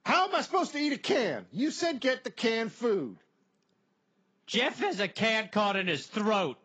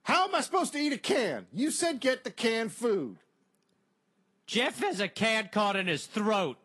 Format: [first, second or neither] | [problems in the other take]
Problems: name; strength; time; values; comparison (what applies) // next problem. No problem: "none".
second | garbled, watery; badly; nothing above 7.5 kHz; slightly in the second